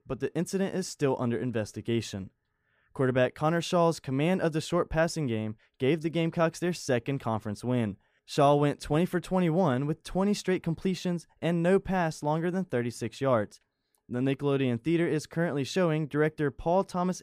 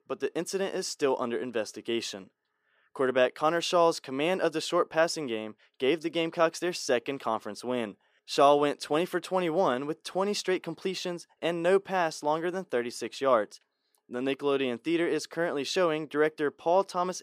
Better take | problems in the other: first | thin; somewhat; fading below 400 Hz

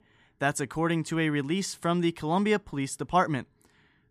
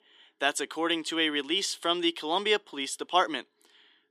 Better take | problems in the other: first | thin; somewhat; fading below 350 Hz

